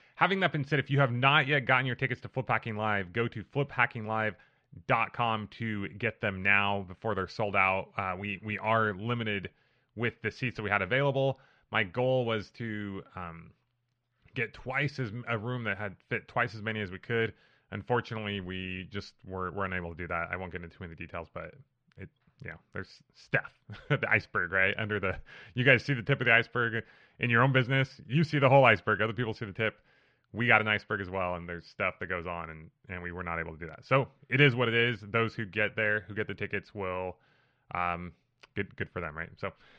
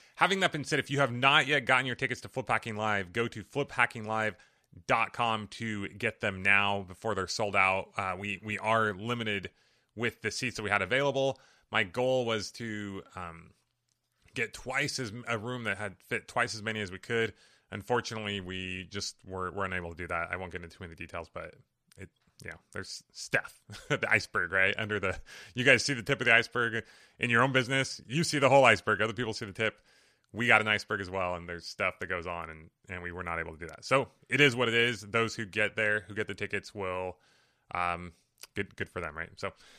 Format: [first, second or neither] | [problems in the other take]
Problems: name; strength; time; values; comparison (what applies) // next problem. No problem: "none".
second | muffled; slightly; fading above 3 kHz